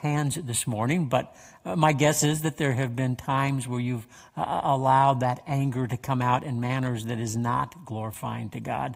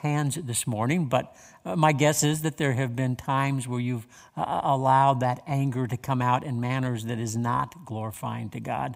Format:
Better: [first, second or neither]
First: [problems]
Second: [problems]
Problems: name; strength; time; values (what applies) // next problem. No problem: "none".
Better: second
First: garbled, watery; slightly; nothing above 15.5 kHz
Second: none